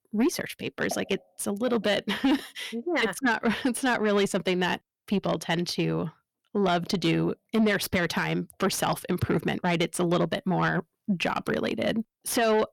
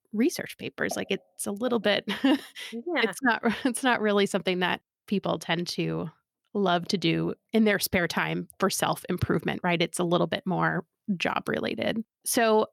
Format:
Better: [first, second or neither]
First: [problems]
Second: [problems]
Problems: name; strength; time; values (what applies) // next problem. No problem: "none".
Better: second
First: distortion; slight; 10 dB below the speech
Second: none